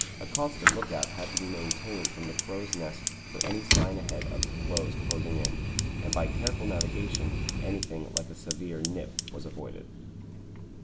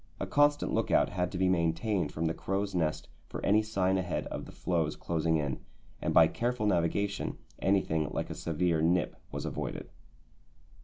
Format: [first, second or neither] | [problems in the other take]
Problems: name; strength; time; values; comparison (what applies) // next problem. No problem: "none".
second | background sound (Fire); 5 dB above the speech // room echo; dies away in 0.4 s